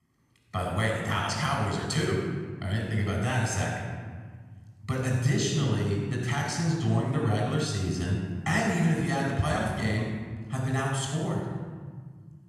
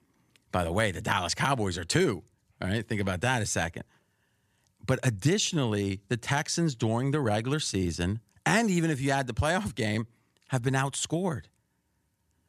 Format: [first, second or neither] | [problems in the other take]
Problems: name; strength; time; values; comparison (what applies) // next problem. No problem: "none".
second | room echo; noticeable; dies away in 1.6 s // off-mic speech; far